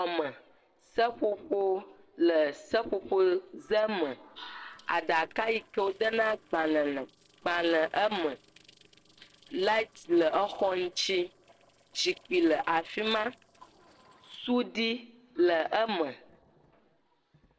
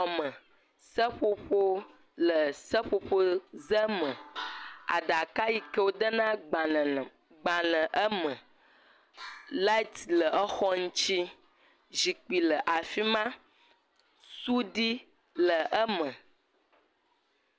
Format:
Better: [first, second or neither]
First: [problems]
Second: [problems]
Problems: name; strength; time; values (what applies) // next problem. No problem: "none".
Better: second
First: noise reduction (neural separator model SepFormer DNS4)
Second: none